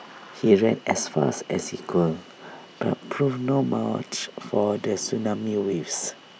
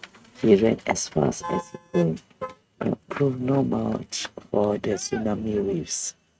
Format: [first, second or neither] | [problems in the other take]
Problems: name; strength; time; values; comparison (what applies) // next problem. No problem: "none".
first | noise reduction (neural mask model RNNoise)